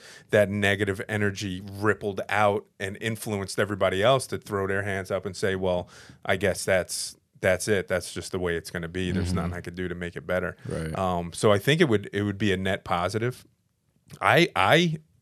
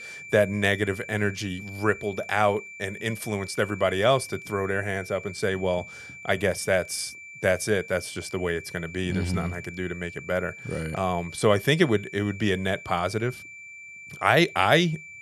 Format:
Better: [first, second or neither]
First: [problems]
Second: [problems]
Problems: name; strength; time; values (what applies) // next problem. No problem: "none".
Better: first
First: none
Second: high-pitched whine; noticeable; throughout; 2.5 kHz, 15 dB below the speech